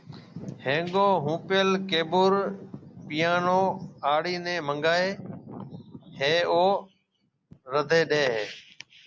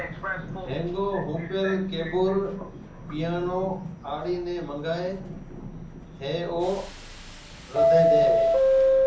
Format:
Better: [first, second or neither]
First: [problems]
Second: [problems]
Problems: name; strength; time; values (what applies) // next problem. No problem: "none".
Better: first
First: none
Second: background sound (Subway, metro, underground); 3 dB above the speech // room echo; dies away in 0.5 s